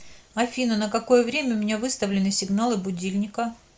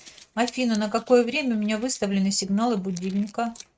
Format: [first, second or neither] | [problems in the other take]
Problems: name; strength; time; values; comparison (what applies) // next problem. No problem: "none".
first | noise reduction (neural mask model RNNoise)